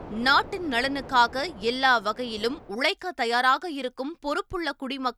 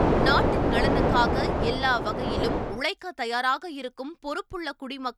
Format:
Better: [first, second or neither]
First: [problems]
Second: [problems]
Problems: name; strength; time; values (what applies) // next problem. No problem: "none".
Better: first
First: wind noise on the microphone; occasional gusts; until 3 s; 20 dB below the speech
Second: wind noise on the microphone; heavy; until 3 s; as loud as the speech